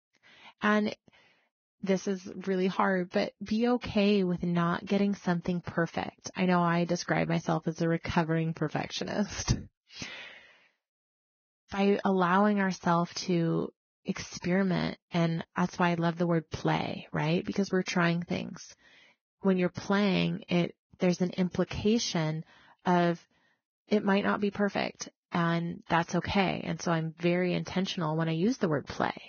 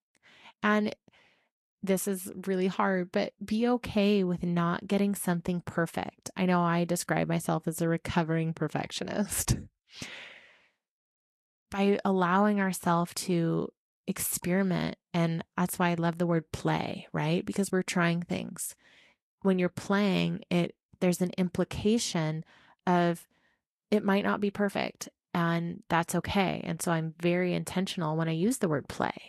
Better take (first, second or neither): second